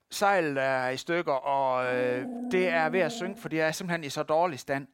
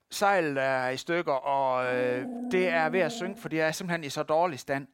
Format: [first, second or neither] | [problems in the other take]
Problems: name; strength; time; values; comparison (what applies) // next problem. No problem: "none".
neither | dog barking; noticeable; from 2 to 3.5 s; peak 7 dB below the speech; the same in both